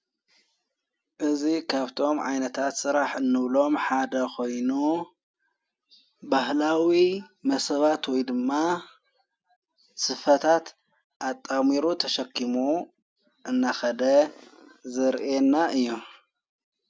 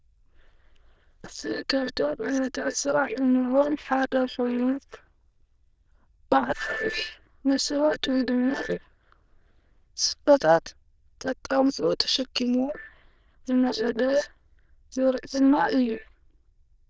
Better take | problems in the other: first | noise reduction (neural diffusion model UNIVERSE++)

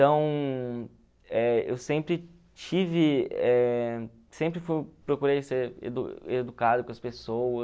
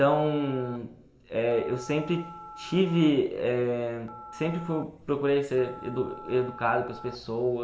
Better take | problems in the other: first | background sound (Telephone); 18 dB below the speech // room echo; dies away in 1.6 s

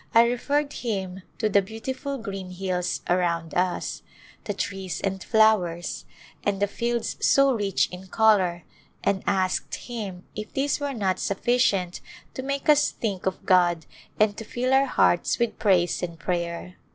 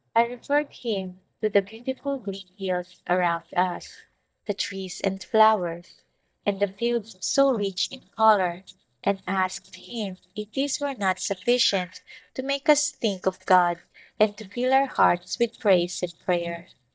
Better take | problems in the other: first | noise reduction (neural mask model DeepFilterNet 3)

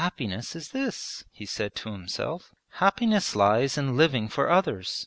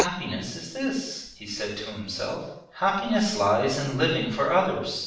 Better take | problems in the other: first | background sound (Writing); 13 dB below the speech // room echo; dies away in 0.7 s

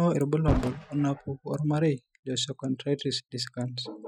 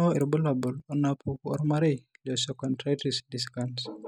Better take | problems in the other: second | noise reduction (classical method Wiener filter)

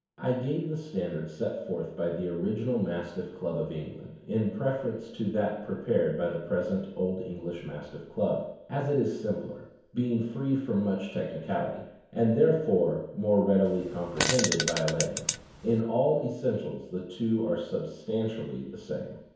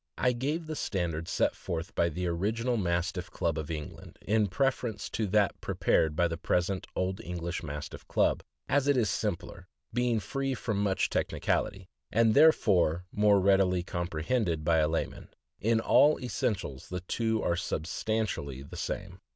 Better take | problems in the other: second | background sound (Fart); 3 dB below the speech // room echo; dies away in 1 s

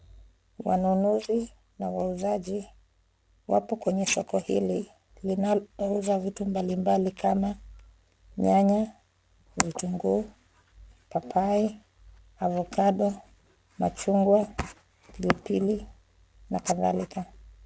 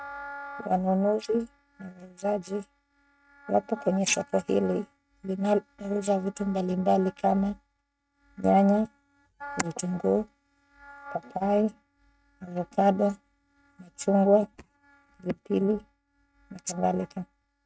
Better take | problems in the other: first | noise reduction (neural mask model RNNoise)

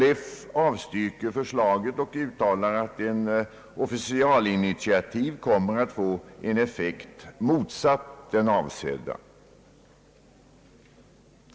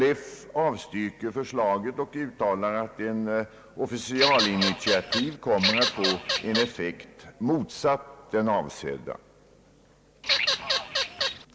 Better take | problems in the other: first | background sound (Bird vocalization, bird call, bird song / Fowl); 1 dB above the speech

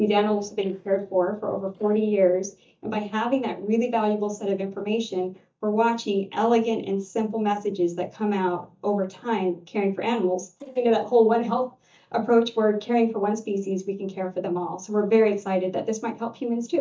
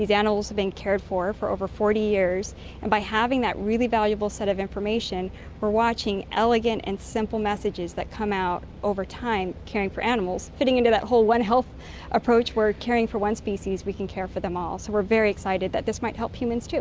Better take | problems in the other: second | noise reduction (neural mask model DeepFilterNet 3)

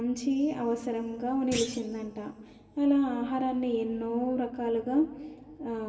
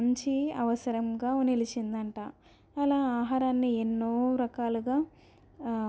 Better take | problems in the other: second | background sound (Thump, thud); 13 dB below the speech // room echo; dies away in 2.7 s

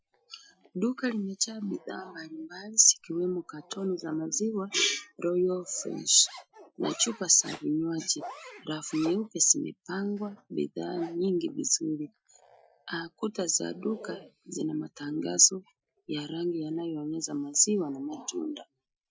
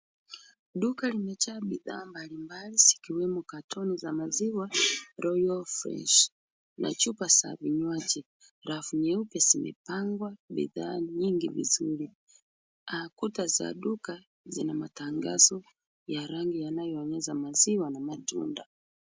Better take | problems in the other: second | noise reduction (classical method Wiener filter)

